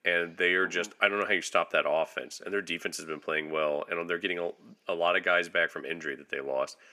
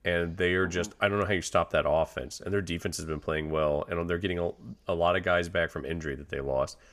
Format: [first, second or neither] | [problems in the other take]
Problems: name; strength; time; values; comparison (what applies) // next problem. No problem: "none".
second | thin; somewhat; fading below 250 Hz